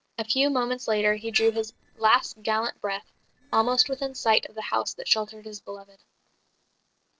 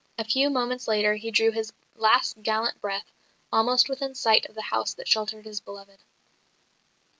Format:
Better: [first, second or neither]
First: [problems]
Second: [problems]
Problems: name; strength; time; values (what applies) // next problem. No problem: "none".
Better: second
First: noise reduction (neural separator model SepFormer DNS4)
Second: none